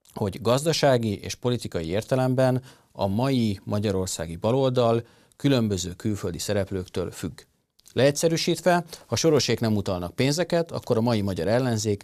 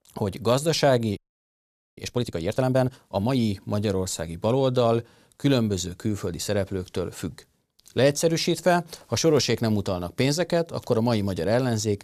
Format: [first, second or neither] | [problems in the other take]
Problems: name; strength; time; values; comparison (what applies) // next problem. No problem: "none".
first | audio freezing; at 1 s for 1 s